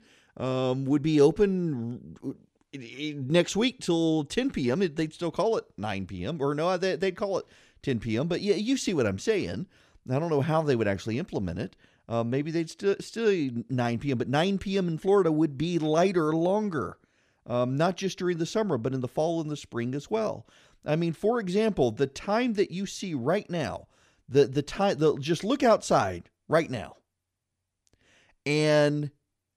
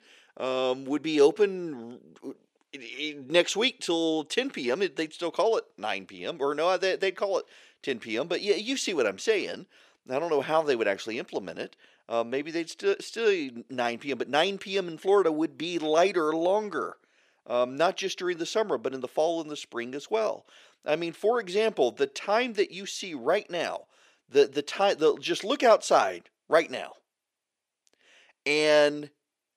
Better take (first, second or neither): first